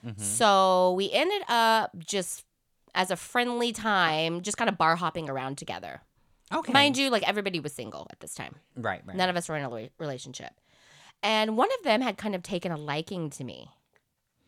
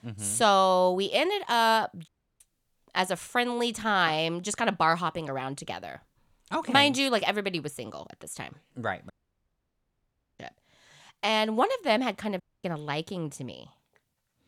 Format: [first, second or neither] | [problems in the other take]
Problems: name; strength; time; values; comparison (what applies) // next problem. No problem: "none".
first | audio cutting out; at 2 s, at 9 s for 1.5 s and at 12 s